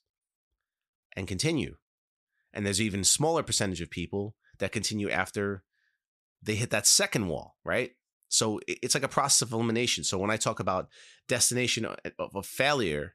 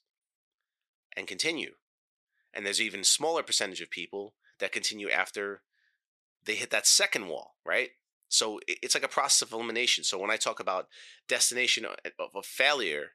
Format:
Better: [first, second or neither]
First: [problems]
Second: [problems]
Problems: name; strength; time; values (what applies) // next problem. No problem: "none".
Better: first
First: none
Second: thin; somewhat; fading below 450 Hz